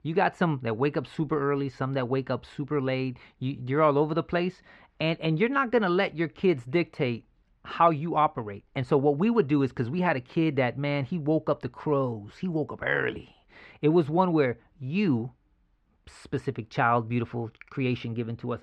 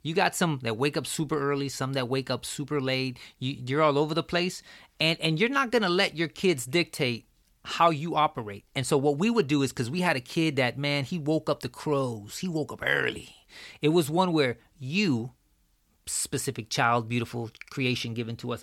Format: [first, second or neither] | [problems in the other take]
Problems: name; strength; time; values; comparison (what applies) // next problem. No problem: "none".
second | muffled; very; fading above 2 kHz